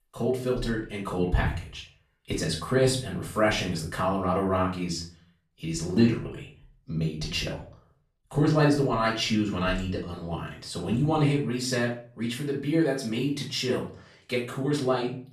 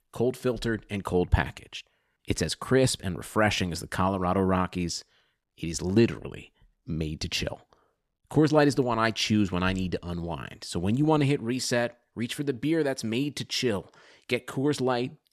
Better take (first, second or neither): second